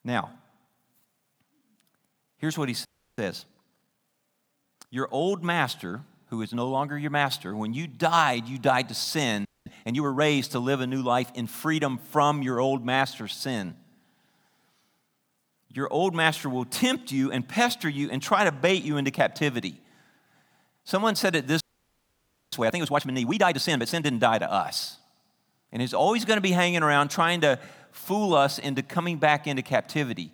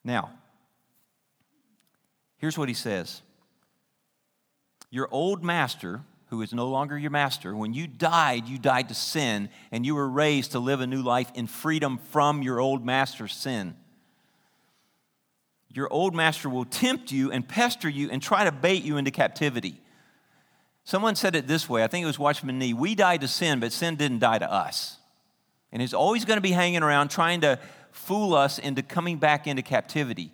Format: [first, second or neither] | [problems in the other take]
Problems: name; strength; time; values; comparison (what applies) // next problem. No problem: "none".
second | audio freezing; at 3 s, at 9.5 s and at 22 s for 1 s